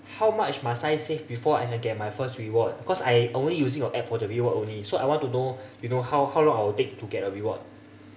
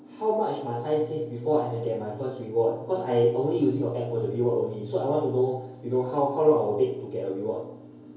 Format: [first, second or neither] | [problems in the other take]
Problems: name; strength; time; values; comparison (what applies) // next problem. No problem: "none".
first | room echo; dies away in 2.4 s